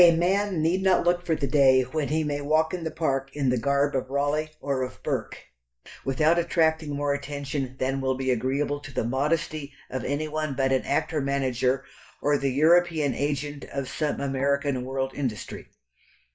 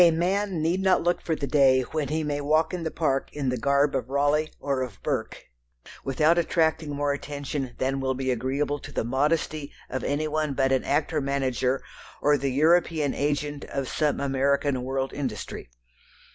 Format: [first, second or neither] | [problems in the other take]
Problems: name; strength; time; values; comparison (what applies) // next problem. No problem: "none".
second | noise reduction (neural mask model DeepFilterNet 3)